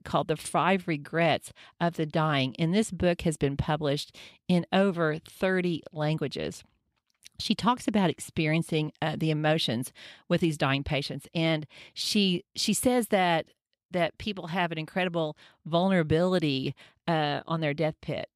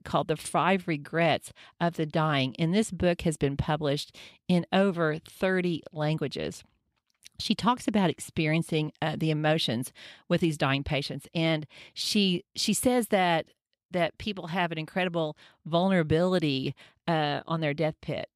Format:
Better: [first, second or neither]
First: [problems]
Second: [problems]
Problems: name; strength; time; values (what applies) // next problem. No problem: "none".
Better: neither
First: none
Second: none